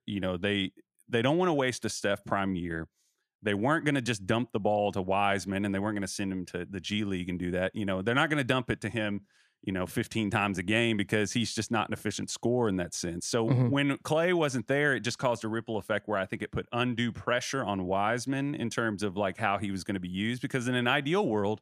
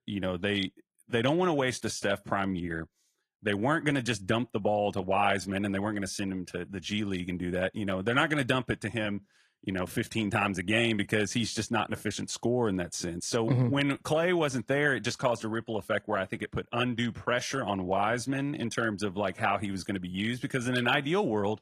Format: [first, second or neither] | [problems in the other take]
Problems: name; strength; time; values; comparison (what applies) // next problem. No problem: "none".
first | garbled, watery; slightly; nothing above 14.5 kHz